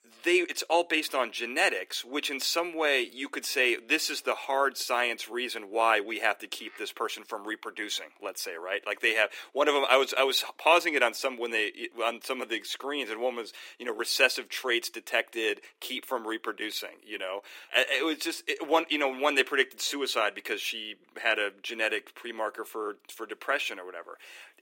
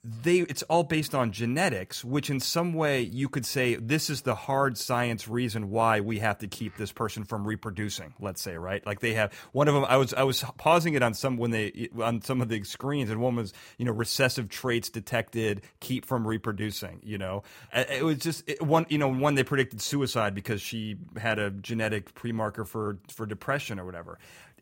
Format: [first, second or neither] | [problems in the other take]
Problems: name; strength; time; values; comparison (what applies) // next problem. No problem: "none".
second | thin; very; fading below 300 Hz